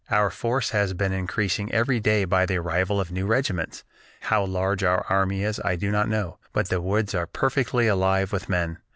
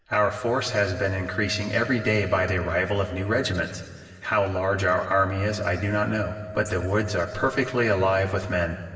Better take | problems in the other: first | background sound (Wind instrument, woodwind instrument); 17 dB below the speech // room echo; dies away in 2.1 s

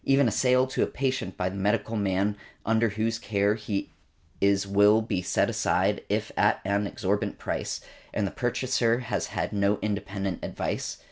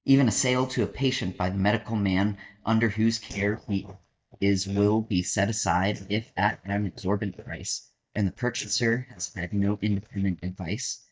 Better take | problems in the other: first | noise reduction (neural mask model DeepFilterNet 3)

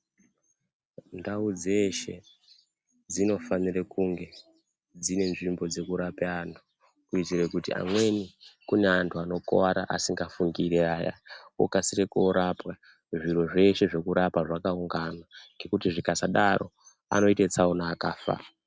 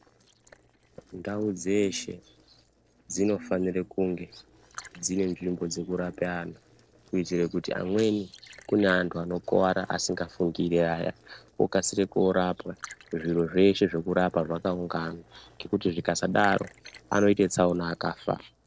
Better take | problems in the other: first | noise reduction (neural separator model SepFormer DNS4)

